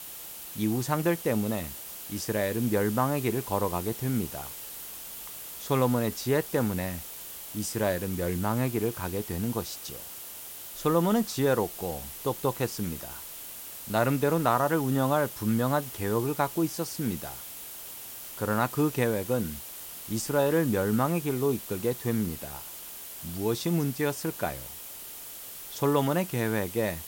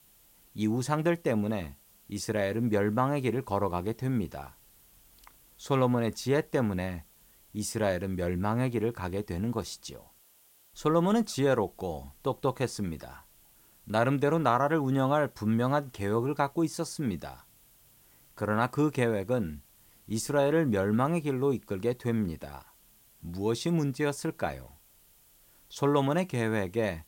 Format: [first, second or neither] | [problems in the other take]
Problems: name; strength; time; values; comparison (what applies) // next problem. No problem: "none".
second | hiss; loud; throughout; 10 dB below the speech; faint in the second